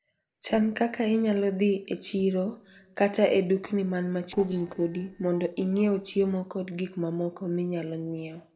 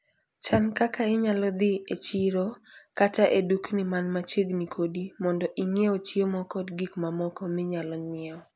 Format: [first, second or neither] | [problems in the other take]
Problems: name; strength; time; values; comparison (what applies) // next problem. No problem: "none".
second | noise reduction (neural separator model SepFormer DNS4)